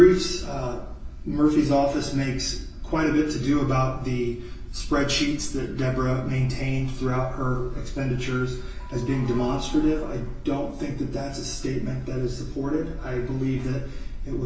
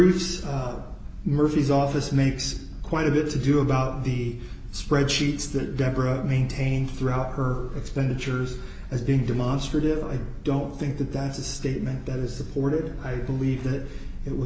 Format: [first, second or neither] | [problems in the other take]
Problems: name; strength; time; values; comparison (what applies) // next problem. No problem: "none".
second | background sound (Sliding door / Doorbell); 19 dB below the speech // room echo; dies away in 0.3 s